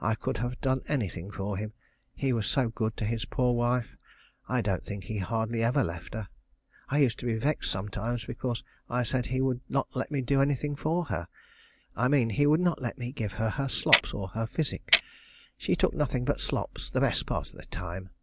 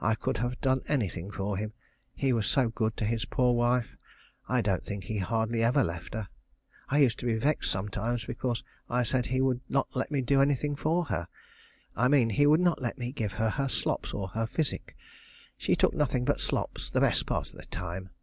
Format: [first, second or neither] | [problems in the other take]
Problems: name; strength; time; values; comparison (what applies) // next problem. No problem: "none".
second | background sound (Clock); 2 dB below the speech